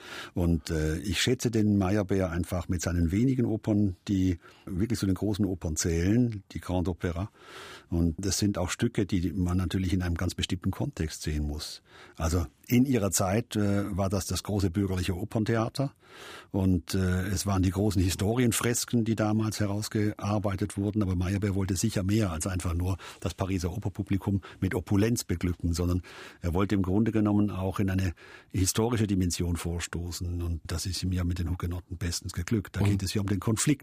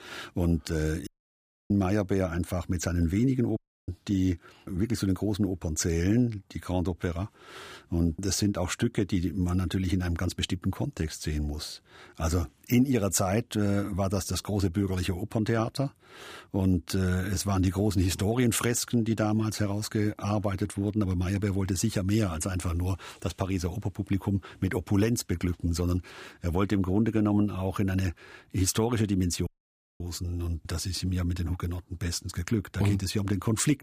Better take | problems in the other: first | audio cutting out; at 1 s for 0.5 s, at 3.5 s and at 29 s for 0.5 s

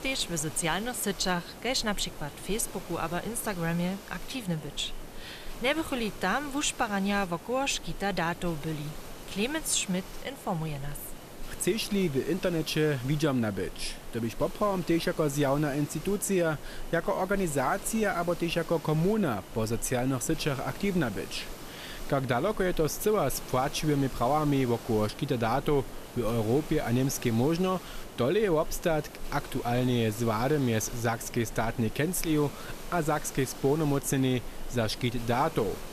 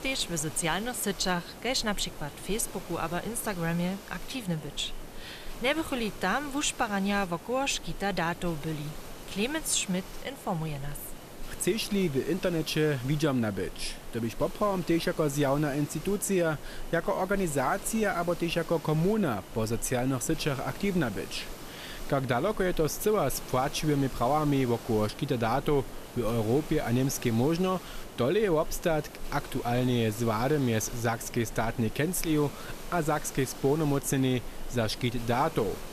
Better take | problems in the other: neither | hiss; noticeable; throughout; 15 dB below the speech; the same in both

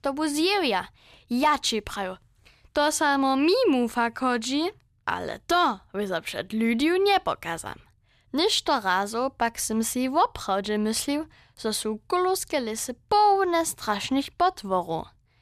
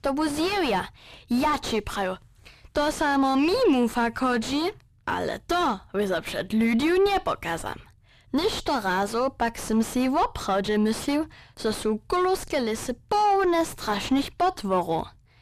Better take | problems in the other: first | distortion; heavy; 4 dB below the speech

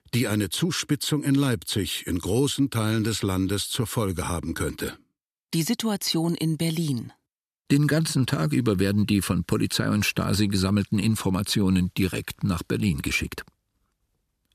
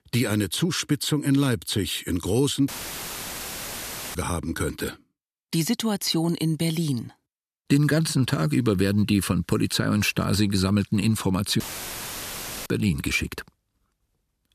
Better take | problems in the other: first | audio cutting out; filled with static; at 2.5 s for 1.5 s and at 12 s for 1 s

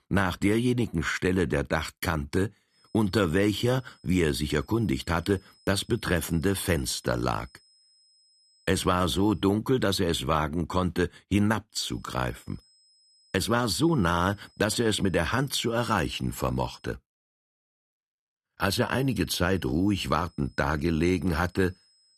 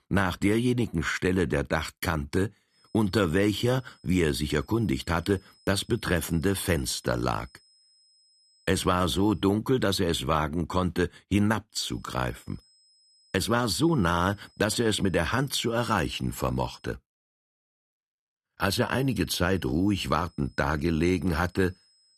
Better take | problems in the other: neither | high-pitched whine; faint; from 2.5 to 9.5 s, from 12 to 17 s and from 19 s on; 5 kHz, 35 dB below the speech; the same in both

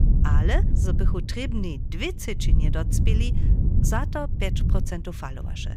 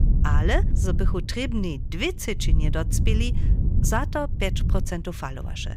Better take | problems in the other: second | wind noise on the microphone; heavy; 6 dB below the speech; occasional gusts in the second

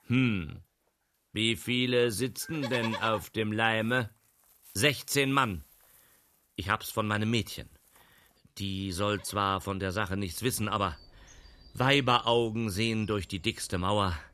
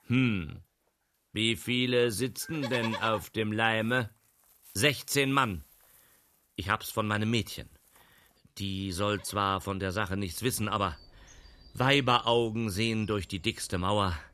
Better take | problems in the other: neither | animal sounds; noticeable; throughout; 20 dB below the speech; the same in both

